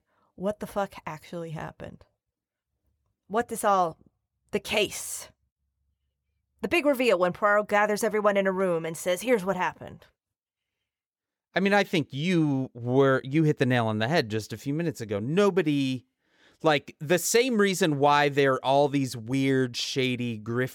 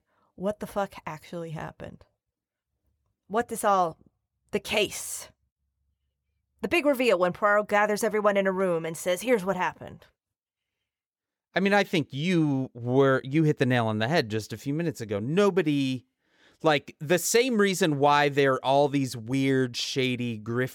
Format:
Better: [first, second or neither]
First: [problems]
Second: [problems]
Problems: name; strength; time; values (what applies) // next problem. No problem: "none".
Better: neither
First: none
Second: none